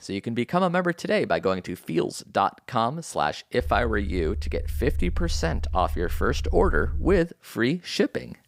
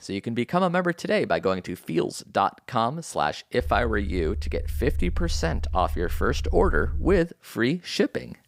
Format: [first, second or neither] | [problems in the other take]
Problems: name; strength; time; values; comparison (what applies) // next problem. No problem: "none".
neither | low rumble; faint; from 3.5 to 7 s; 25 dB below the speech; the same in both